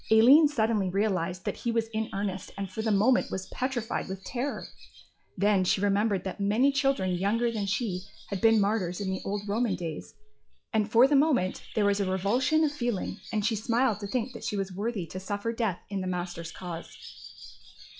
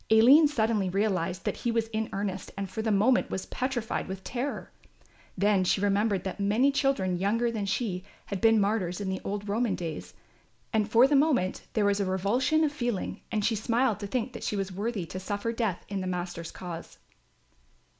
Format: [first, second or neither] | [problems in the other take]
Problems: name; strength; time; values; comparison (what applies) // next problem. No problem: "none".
second | noise reduction (classical method log-MMSE)